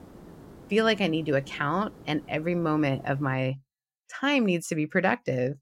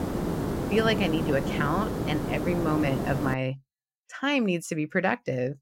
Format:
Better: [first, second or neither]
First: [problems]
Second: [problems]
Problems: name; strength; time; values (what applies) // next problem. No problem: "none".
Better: first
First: hiss; faint; until 3.5 s; 20 dB below the speech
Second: hiss; loud; until 3.5 s; 2 dB below the speech